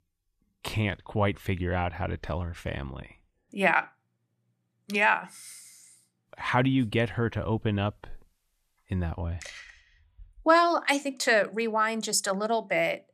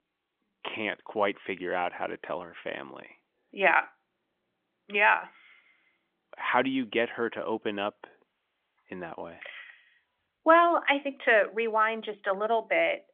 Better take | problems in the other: first | phone-call audio; nothing above 3.5 kHz

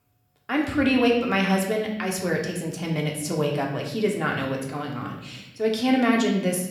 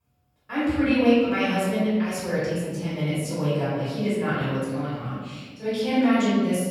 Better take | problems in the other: first | room echo; strong; dies away in 1.4 s; slight in the first // off-mic speech; far; somewhat distant in the first

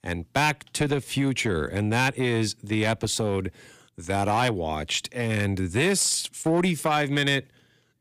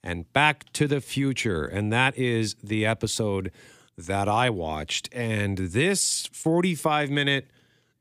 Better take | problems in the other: second | distortion; slight; 5% of the sound clipped

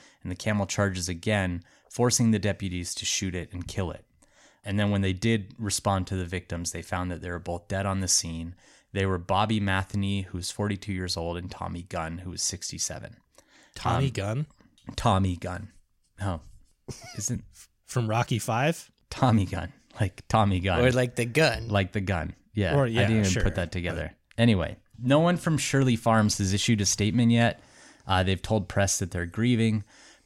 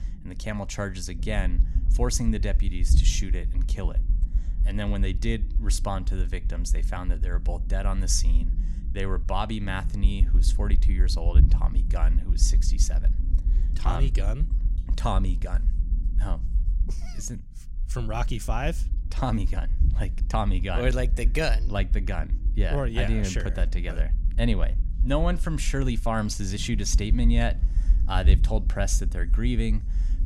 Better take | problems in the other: first | low rumble; noticeable; throughout; 15 dB below the speech

